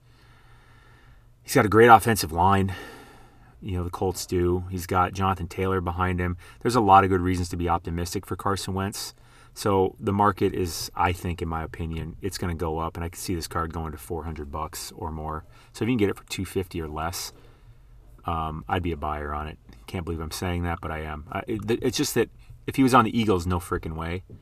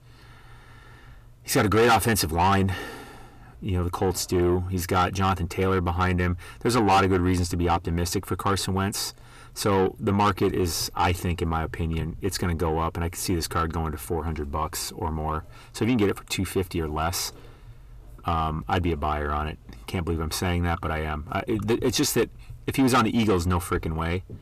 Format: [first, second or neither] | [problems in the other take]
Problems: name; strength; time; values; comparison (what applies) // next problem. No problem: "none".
first | distortion; heavy; 7 dB below the speech